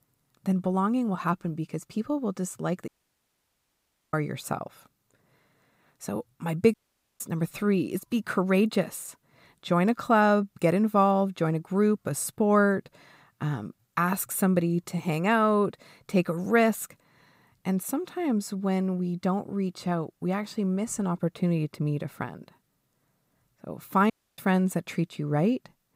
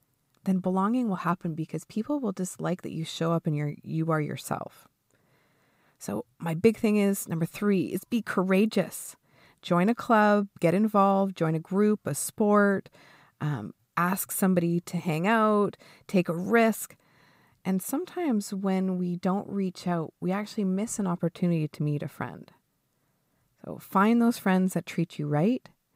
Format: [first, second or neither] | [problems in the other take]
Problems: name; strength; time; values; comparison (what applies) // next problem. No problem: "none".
second | audio cutting out; at 3 s for 1.5 s, at 6.5 s and at 24 s